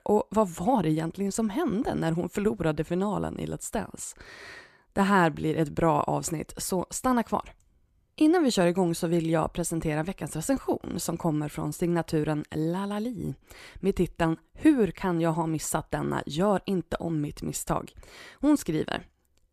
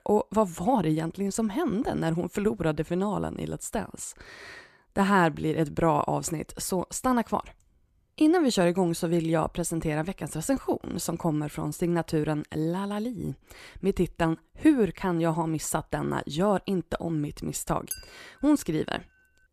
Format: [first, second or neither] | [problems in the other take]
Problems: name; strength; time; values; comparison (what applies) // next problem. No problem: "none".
first | clattering dishes; noticeable; at 18 s; peak 10 dB below the speech